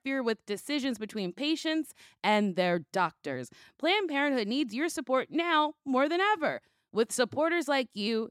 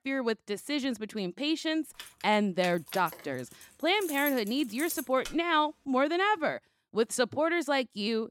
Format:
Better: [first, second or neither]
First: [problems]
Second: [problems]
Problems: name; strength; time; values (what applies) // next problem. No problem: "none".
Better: first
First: none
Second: jangling keys; noticeable; from 2 to 5.5 s; peak 7 dB below the speech